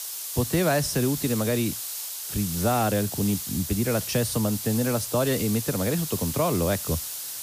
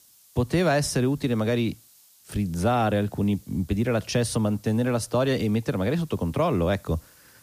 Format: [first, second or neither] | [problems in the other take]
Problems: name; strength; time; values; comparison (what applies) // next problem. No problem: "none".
second | hiss; loud; throughout; 5 dB below the speech; faint in the second